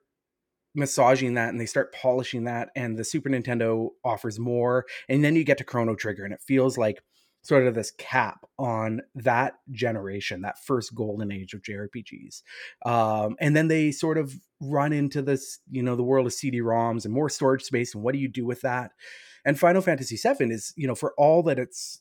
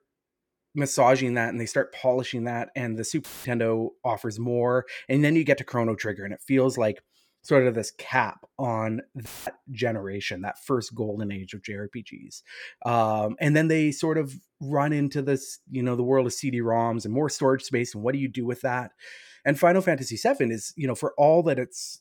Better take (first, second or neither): first